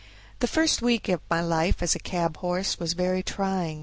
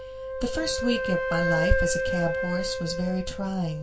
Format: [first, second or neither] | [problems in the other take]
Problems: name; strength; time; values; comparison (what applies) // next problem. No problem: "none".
first | background sound (Wind instrument, woodwind instrument); 1 dB below the speech // room echo; dies away in 0.2 s